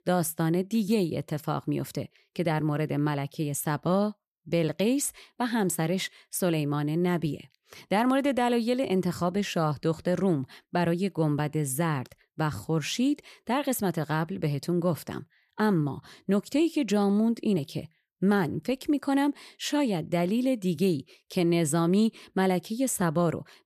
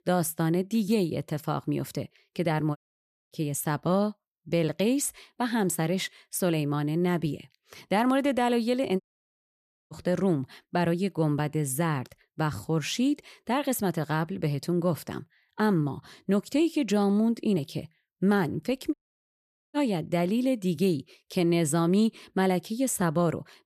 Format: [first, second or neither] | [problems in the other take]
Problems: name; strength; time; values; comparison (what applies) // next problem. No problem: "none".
first | audio cutting out; at 3 s for 0.5 s, at 9 s for 1 s and at 19 s for 1 s